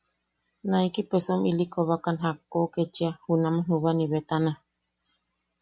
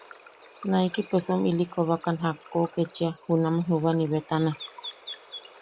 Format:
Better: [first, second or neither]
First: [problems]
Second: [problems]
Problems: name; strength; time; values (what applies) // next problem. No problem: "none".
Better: first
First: none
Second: background sound (Water / Bird); 19 dB below the speech